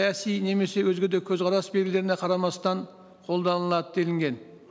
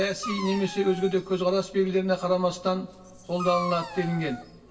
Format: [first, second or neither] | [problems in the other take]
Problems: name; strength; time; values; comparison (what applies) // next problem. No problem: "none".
first | background sound (Dog); 13 dB below the speech // room echo; dies away in 0.2 s